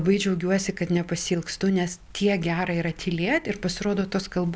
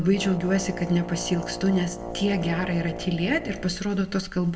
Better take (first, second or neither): first